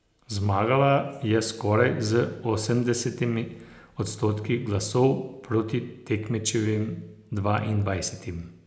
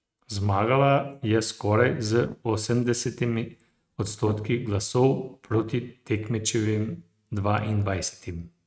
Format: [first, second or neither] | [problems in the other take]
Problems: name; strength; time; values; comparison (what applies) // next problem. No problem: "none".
first | noise reduction (neural mask model RNNoise)